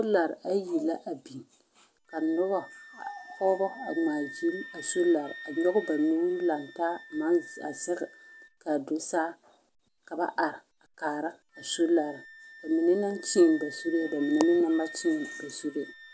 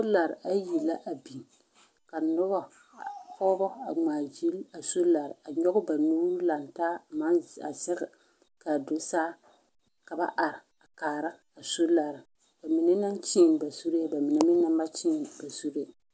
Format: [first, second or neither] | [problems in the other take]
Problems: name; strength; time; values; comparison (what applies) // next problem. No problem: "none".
second | background sound (Wind instrument, woodwind instrument); 17 dB below the speech